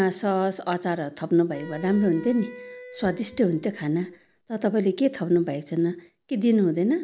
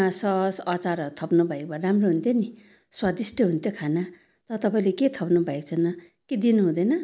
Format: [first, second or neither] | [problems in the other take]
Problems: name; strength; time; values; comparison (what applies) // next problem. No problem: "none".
second | background sound (Wind instrument, woodwind instrument); 19 dB below the speech